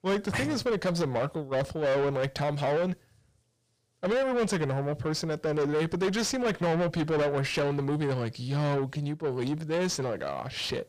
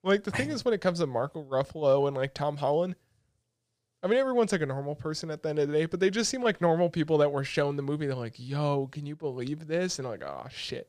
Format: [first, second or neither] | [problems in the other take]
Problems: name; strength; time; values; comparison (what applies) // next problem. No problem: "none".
second | distortion; heavy; 6 dB below the speech